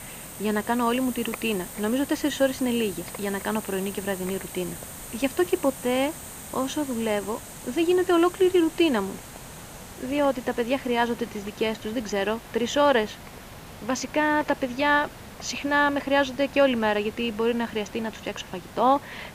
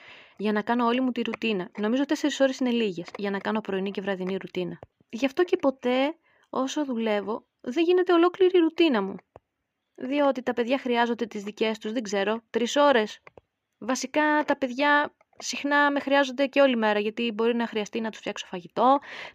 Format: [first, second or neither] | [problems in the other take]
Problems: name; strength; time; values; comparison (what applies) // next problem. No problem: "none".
second | hiss; noticeable; throughout; 15 dB below the speech